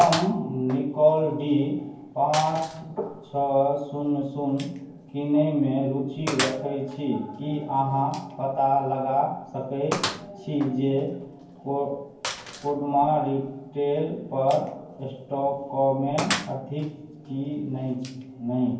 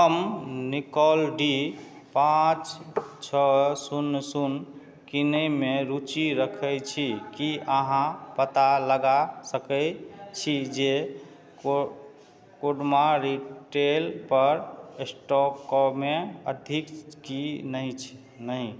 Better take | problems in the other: second | background sound (Gunshot, gunfire); 12 dB below the speech // room echo; dies away in 0.9 s

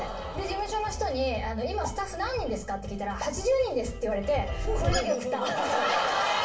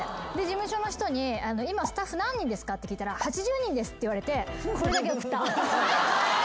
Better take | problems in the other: second | room echo; dies away in 0.3 s

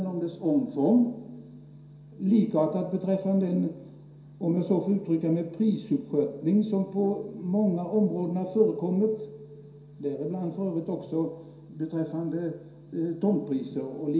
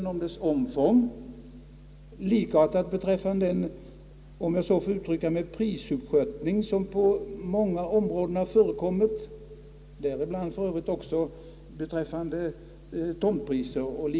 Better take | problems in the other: second | room echo; dies away in 0.7 s

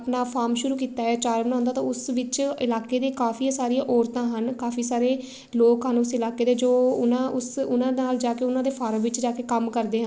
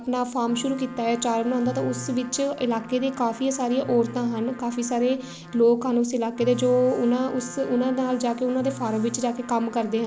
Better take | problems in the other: first | background sound (Electric guitar + Trumpet); 17 dB below the speech

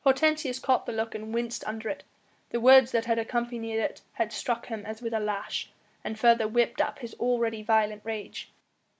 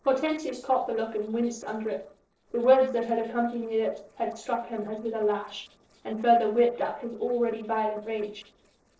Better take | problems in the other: first | noise reduction (neural separator model SepFormer DNS4)

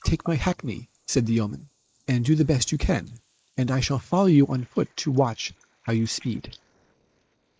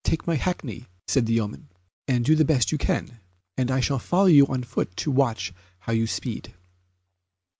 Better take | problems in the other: second | noise reduction (neural mask model Resemble Enhance denoiser)

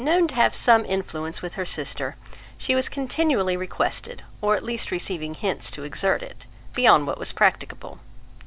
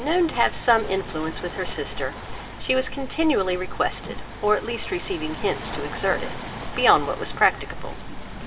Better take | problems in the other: first | background sound (Waves, surf); 12 dB below the speech // room echo; dies away in 0.7 s

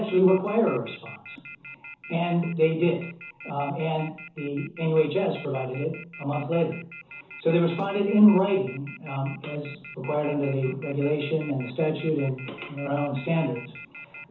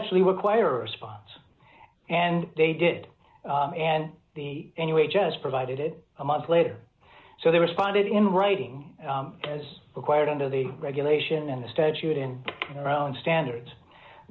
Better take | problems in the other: second | background sound (Telephone); 18 dB below the speech // room echo; dies away in 0.9 s

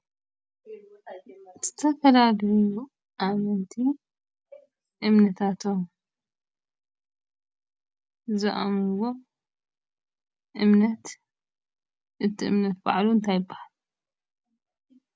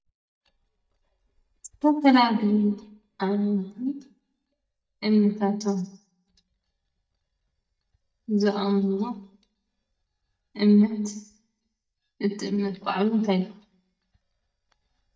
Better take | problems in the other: first | noise reduction (neural mask model DeepFilterNet 3)

